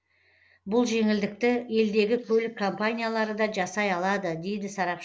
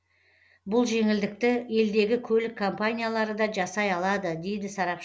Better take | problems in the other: second | noise reduction (neural mask model Resemble Enhance denoiser)

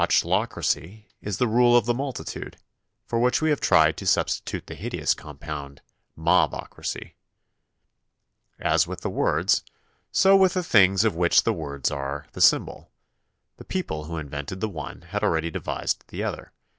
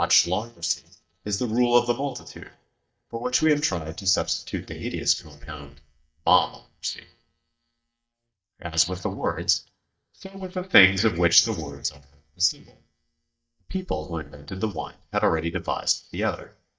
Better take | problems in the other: first | noise reduction (neural mask model DeepFilterNet 3)

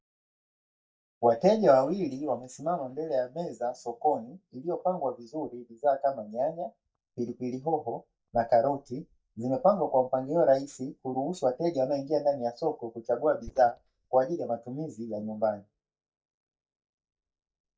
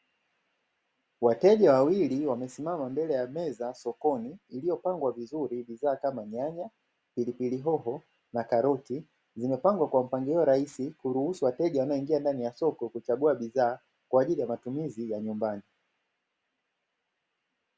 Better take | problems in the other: second | noise reduction (neural mask model DeepFilterNet 3)

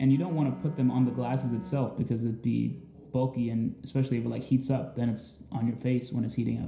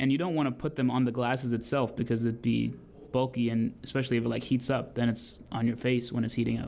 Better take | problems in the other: second | background sound (Bowed string instrument); 14 dB below the speech // room echo; dies away in 0.5 s

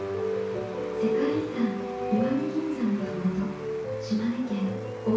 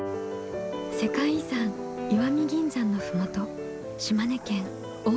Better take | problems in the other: second | background sound (Applause / Crowd / Cheering); 19 dB below the speech // room echo; dies away in 0.6 s

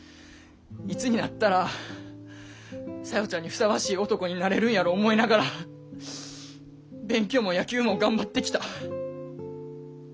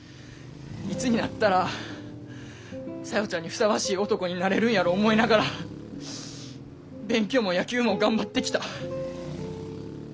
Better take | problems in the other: first | background sound (Traffic noise, roadway noise); 15 dB below the speech

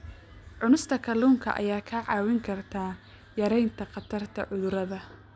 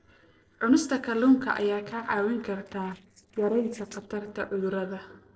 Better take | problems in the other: first | noise reduction (neural separator model SepFormer DNS4)

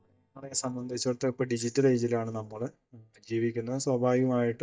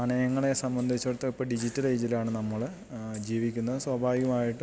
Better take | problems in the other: second | noise reduction (neural mask model DeepFilterNet 3)

